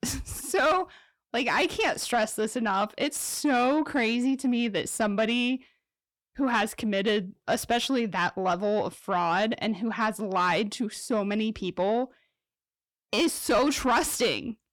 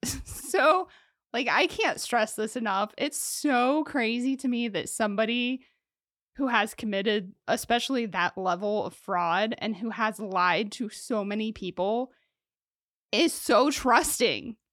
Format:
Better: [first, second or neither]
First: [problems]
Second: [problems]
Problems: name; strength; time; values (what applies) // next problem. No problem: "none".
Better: second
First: distortion; slight; 10 dB below the speech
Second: none